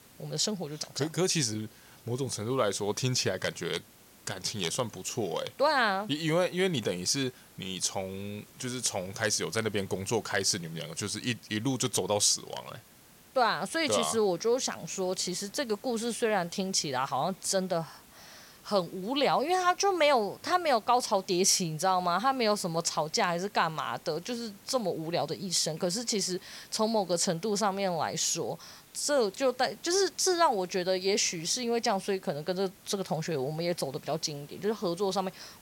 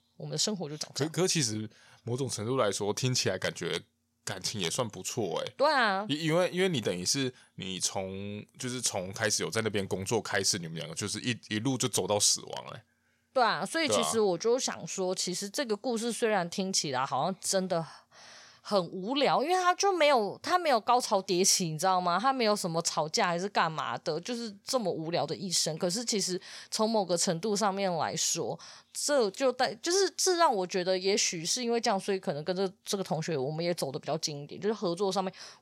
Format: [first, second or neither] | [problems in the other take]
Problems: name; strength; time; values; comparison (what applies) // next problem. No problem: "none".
second | hiss; faint; throughout; 25 dB below the speech